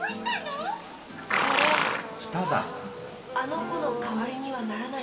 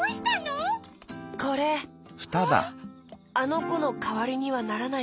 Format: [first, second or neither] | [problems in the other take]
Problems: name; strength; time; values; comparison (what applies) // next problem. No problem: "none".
second | background sound (Livestock, farm animals, working animals); as loud as the speech // room echo; dies away in 2.3 s